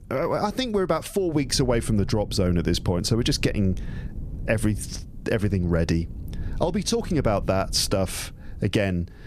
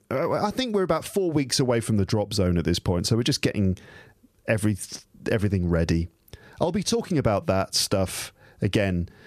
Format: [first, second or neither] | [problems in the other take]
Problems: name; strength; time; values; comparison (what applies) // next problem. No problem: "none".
second | low rumble; faint; throughout; 25 dB below the speech